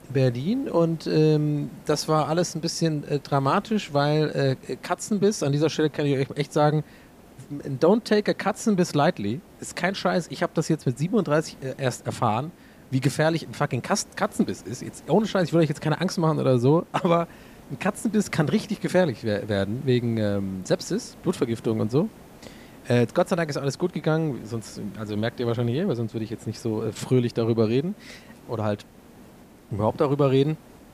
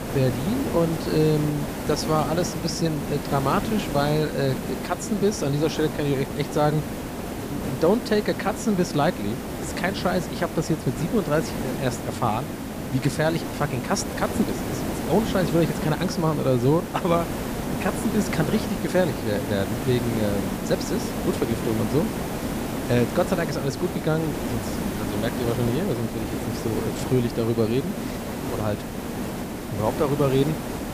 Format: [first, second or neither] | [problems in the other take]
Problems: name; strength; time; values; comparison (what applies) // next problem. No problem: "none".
first | hiss; loud; throughout; 4 dB below the speech; faint in the first